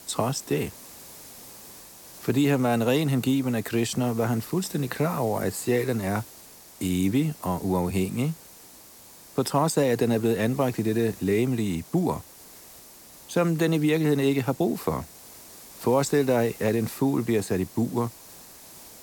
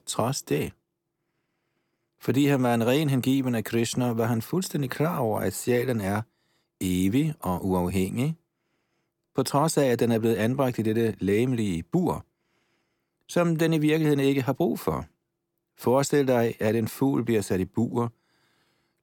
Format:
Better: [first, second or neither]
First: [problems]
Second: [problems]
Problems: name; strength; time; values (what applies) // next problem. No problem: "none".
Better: second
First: hiss; noticeable; throughout; 20 dB below the speech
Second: none